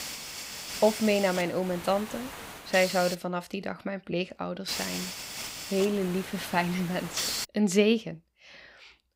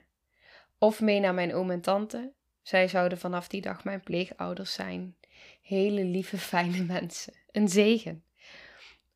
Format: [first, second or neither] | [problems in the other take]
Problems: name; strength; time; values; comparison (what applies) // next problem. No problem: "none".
second | hiss; loud; until 3 s and from 4.5 to 7.5 s; 7 dB below the speech